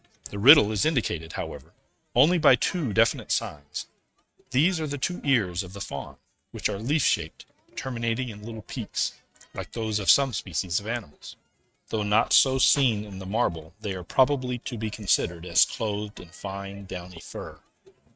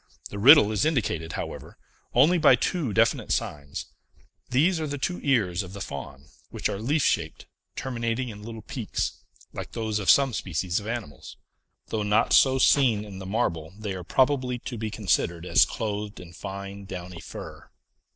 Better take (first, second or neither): second